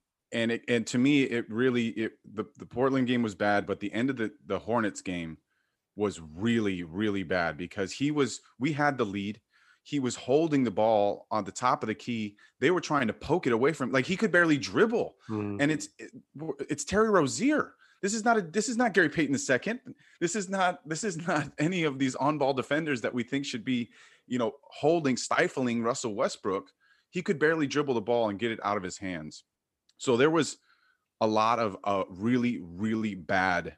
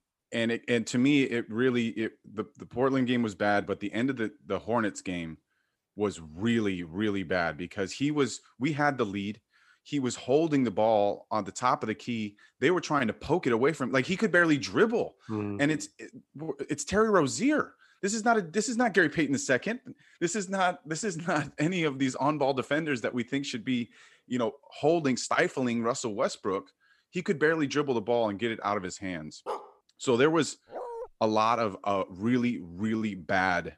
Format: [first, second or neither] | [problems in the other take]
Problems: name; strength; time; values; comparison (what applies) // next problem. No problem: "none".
first | dog barking; noticeable; at 29 s; peak 10 dB below the speech // dog barking; faint; at 31 s; peak 10 dB below the speech